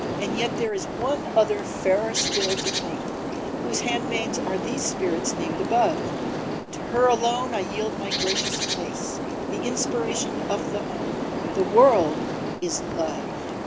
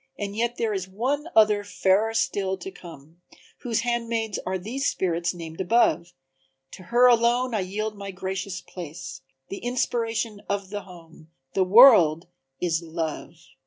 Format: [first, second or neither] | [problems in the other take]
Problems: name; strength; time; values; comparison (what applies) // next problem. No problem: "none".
second | background sound (Bird); 2 dB below the speech